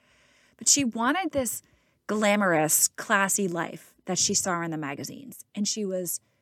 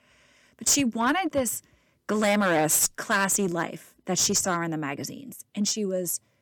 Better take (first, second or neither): first